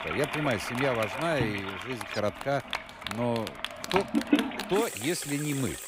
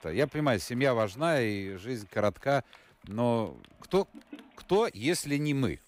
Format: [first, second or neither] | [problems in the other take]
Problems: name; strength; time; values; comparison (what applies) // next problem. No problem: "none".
second | household noises; loud; throughout; 2 dB below the speech; faint in the second